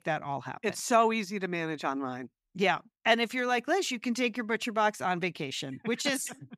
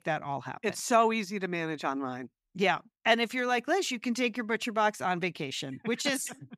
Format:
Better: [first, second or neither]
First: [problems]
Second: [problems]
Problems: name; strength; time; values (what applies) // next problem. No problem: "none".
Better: neither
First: none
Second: none